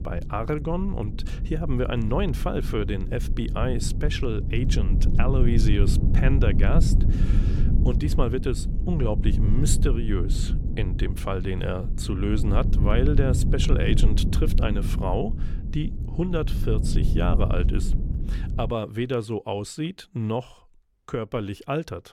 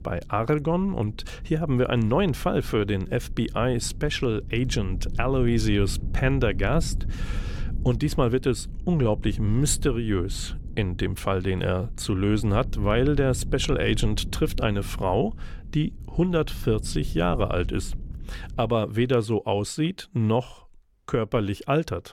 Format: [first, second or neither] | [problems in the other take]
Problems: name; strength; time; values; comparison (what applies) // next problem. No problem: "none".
second | low rumble; loud; until 19 s; 8 dB below the speech; faint in the second